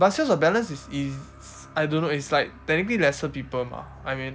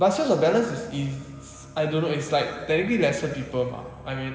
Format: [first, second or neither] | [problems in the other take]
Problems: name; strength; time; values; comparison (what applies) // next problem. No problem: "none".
first | room echo; dies away in 2.1 s